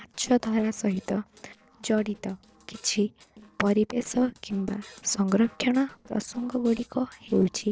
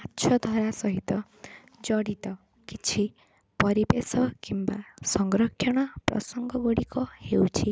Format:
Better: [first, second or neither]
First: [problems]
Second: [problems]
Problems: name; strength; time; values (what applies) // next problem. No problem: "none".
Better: second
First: noise reduction (neural separator model SepFormer DNS4)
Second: none